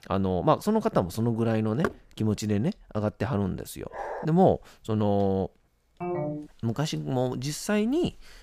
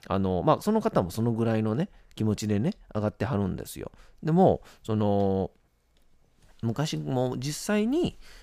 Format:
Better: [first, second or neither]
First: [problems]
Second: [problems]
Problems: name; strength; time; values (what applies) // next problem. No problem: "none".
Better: second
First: door banging; noticeable; at 2 s; peak 7 dB below the speech // dog barking; noticeable; at 4 s; peak 9 dB below the speech // phone ringing; noticeable; at 6 s; peak 4 dB below the speech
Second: none